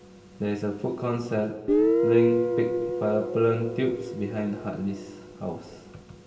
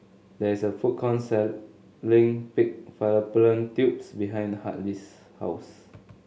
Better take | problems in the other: second | background sound (Guitar); 1 dB below the speech // room echo; dies away in 1.9 s

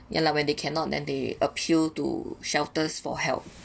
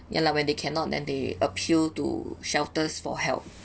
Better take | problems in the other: first | background sound (Car passing by); 20 dB below the speech

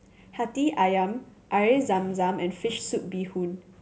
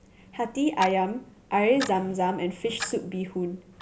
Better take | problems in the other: first | background sound (Clock); 15 dB below the speech

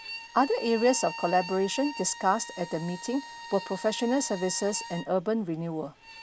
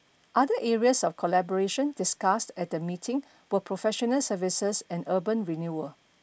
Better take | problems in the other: second | background sound (Bowed string instrument); 13 dB below the speech

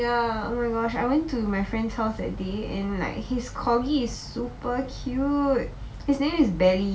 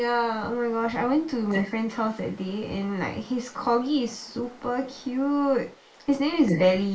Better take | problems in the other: first | noise reduction (neural mask model Resemble Enhance denoiser)

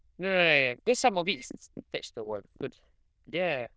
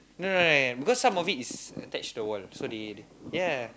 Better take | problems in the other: second | noise reduction (neural diffusion model UNIVERSE++)

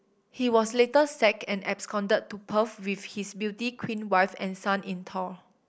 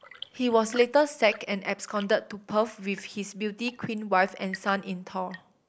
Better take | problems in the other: first | noise reduction (neural mask model Resemble Enhance denoiser)

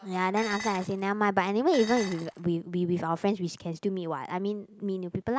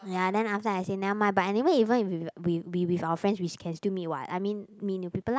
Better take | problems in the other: second | background sound (Dishes, pots, and pans); 12 dB below the speech

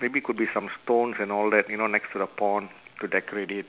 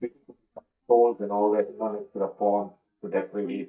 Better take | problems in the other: first | noise reduction (neural mask model DeepFilterNet 3)

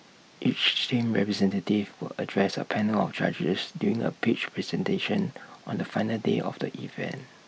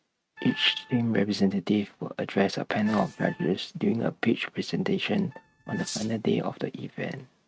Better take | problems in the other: first | noise reduction (neural mask model RNNoise)

